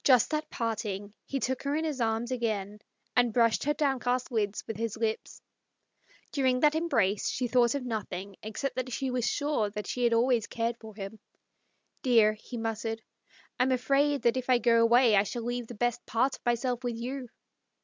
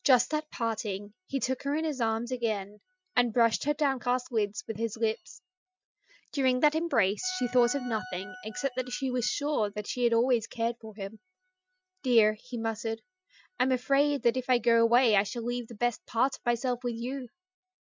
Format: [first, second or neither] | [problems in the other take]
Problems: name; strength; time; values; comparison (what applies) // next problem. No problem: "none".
first | noise reduction (classical method Wiener filter)